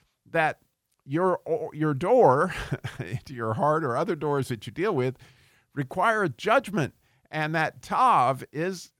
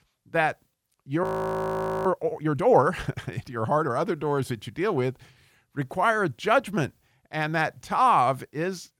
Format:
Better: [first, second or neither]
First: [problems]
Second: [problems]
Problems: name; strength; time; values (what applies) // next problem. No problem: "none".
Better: first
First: none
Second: audio freezing; at 1 s for 1 s